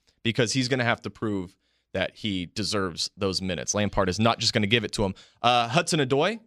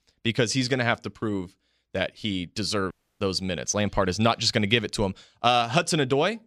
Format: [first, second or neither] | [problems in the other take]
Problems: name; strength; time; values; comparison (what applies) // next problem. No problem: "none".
first | audio cutting out; at 3 s